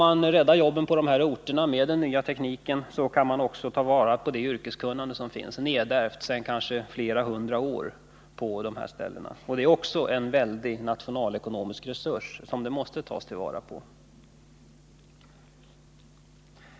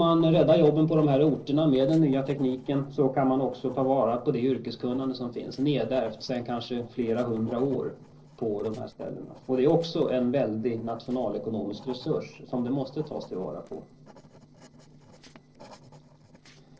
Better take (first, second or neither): first